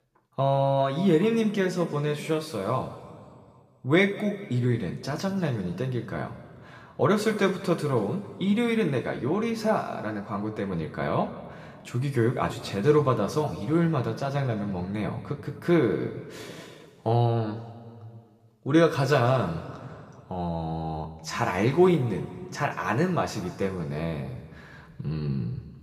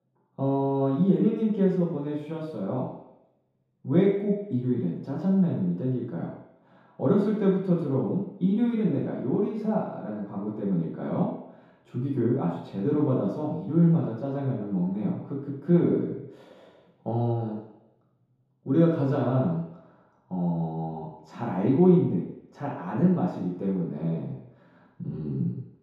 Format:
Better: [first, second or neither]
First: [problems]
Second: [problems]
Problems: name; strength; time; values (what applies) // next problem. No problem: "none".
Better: first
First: room echo; slight; dies away in 1.7 s // off-mic speech; somewhat distant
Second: room echo; strong; dies away in 0.8 s // off-mic speech; far